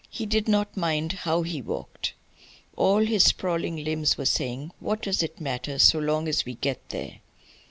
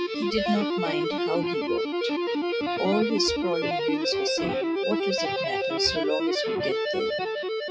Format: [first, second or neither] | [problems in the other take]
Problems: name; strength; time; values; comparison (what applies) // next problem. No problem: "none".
first | noise reduction (classical method WPE with log-MMSE)